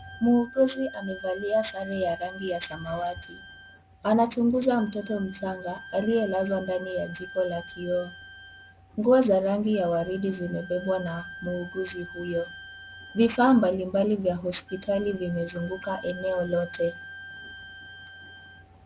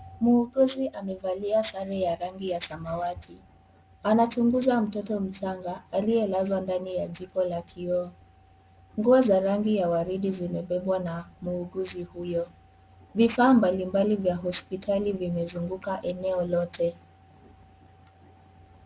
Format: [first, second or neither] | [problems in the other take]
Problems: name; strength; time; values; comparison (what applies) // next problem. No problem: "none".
second | background sound (Wind instrument, woodwind instrument); 17 dB below the speech